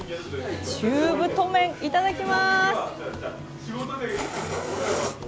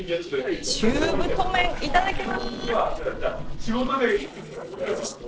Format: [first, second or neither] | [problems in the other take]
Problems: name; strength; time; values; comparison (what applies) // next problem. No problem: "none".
first | noise reduction (neural separator model SepFormer DNS4)